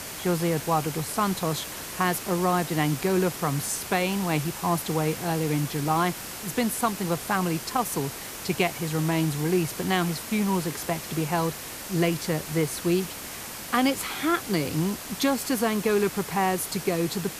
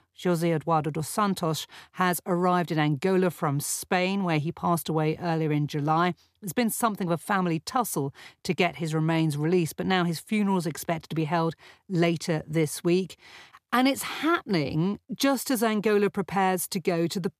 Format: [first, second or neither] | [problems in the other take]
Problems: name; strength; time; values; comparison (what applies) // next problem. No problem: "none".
second | hiss; loud; throughout; 8 dB below the speech